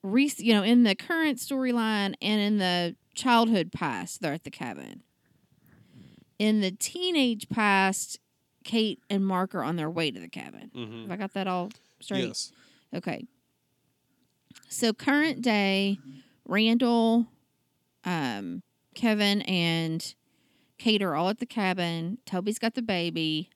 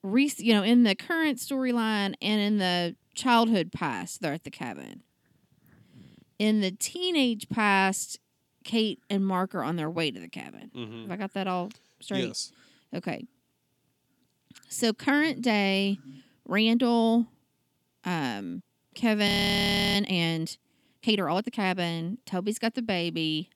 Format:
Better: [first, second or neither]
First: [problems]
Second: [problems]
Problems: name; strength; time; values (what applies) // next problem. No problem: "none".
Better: first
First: none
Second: audio freezing; at 19 s for 0.5 s